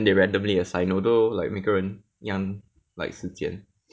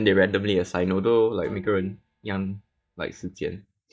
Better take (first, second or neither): first